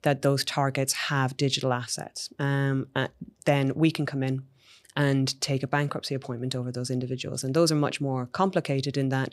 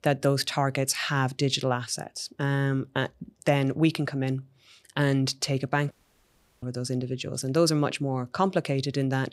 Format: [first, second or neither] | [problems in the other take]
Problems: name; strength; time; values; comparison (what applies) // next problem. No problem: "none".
first | audio cutting out; at 6 s for 0.5 s